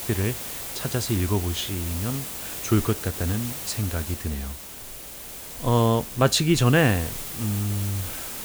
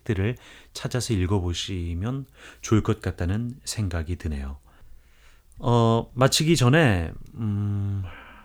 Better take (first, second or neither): second